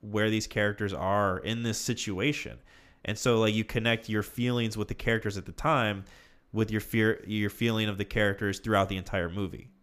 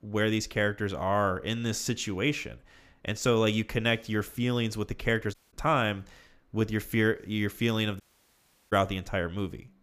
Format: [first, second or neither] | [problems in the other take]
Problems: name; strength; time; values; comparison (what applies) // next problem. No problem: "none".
first | audio cutting out; at 5.5 s and at 8 s for 0.5 s